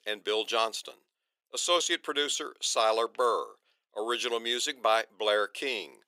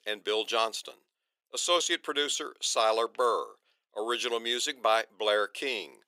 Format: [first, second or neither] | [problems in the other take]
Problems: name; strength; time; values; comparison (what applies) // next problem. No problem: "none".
neither | thin; very; fading below 400 Hz; the same in both